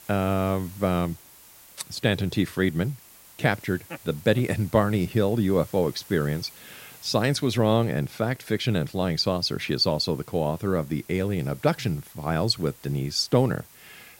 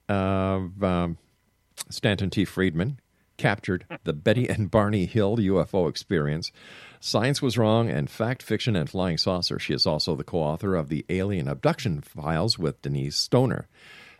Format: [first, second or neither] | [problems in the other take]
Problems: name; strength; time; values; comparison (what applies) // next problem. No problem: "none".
second | hiss; faint; throughout; 20 dB below the speech